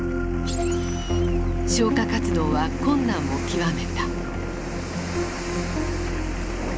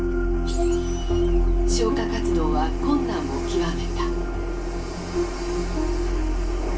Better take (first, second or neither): first